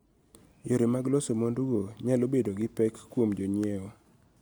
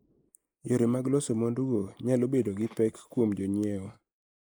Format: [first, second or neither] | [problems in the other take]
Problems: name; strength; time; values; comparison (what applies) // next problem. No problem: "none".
first | noise reduction (neural mask model Resemble Enhance denoiser)